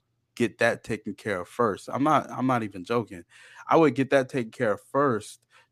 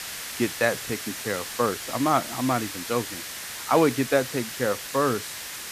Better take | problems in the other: first | hiss; loud; throughout; 7 dB below the speech

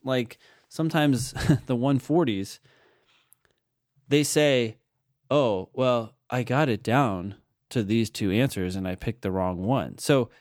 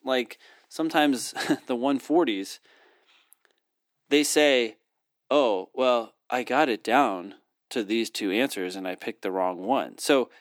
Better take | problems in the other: first | thin; very slightly; fading below 300 Hz

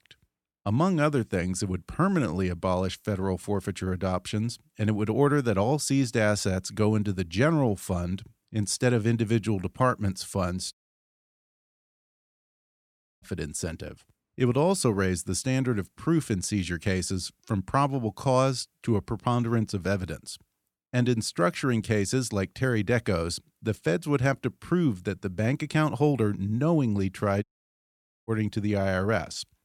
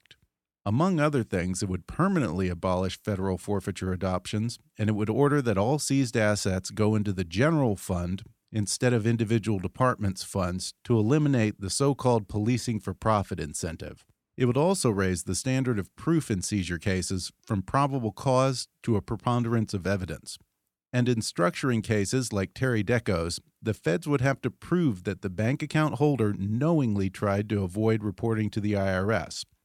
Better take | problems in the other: second | audio cutting out; at 11 s for 2.5 s and at 27 s for 1 s

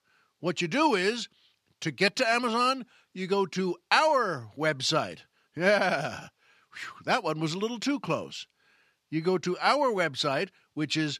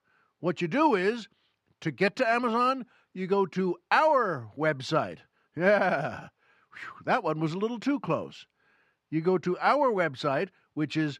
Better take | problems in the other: first | muffled; slightly; fading above 2.5 kHz

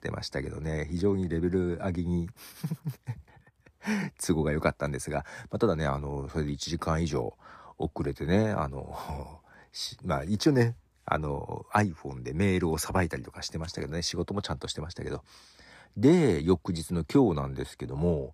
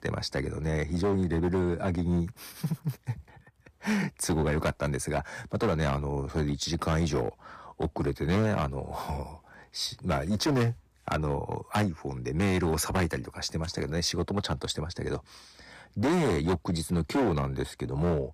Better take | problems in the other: first | distortion; heavy; 9% of the sound clipped

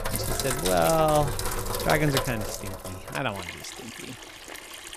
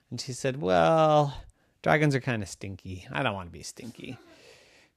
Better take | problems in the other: second | household noises; loud; throughout; 5 dB below the speech

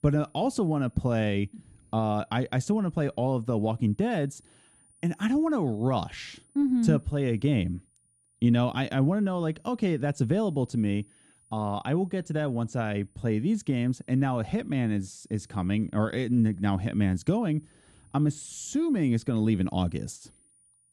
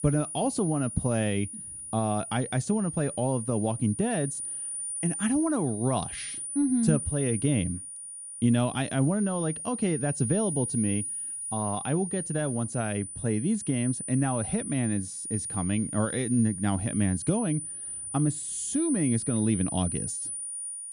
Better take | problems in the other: first | high-pitched whine; loud; throughout; 9.5 kHz, 5 dB below the speech; faint in the first

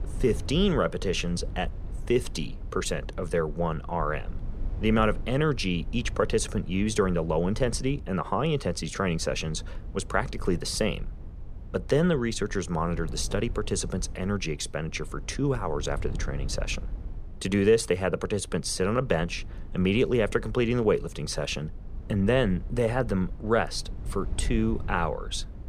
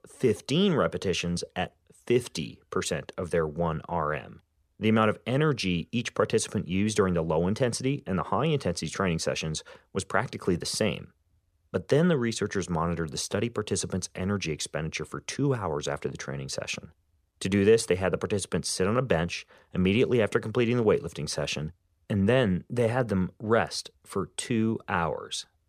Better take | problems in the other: second | low rumble; faint; throughout; 25 dB below the speech

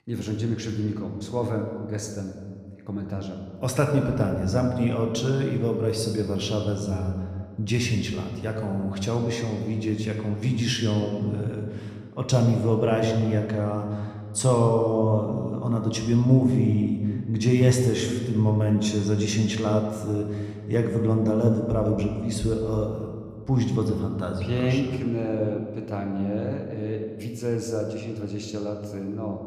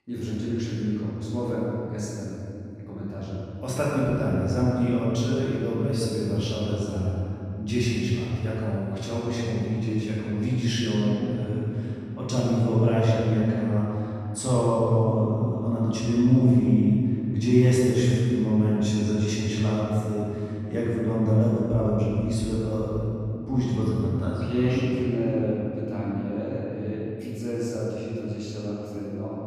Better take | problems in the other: first | room echo; strong; dies away in 2.9 s; slight in the first // off-mic speech; far

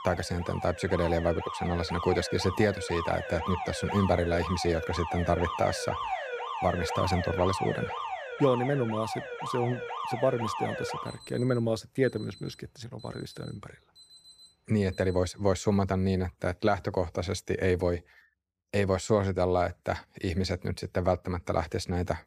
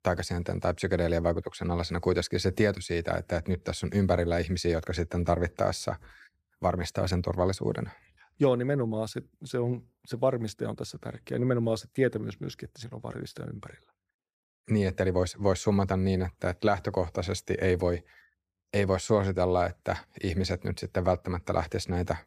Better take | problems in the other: second | alarms or sirens; loud; until 15 s; 6 dB below the speech

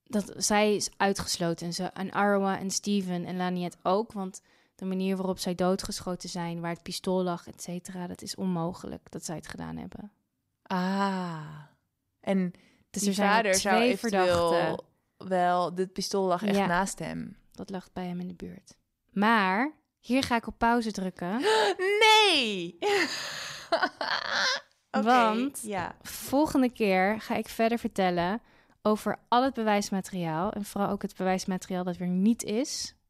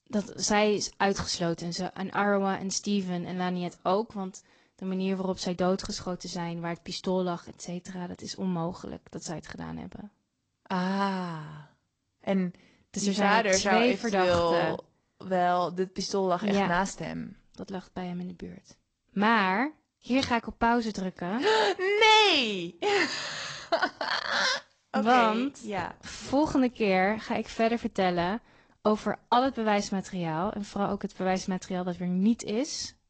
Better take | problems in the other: first | garbled, watery; slightly; nothing above 7.5 kHz

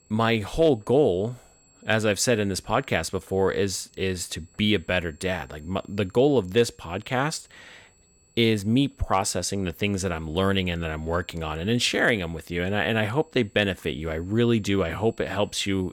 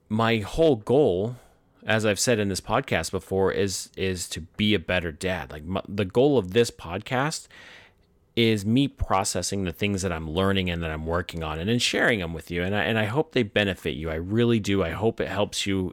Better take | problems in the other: second | high-pitched whine; faint; throughout; 7.5 kHz, 35 dB below the speech

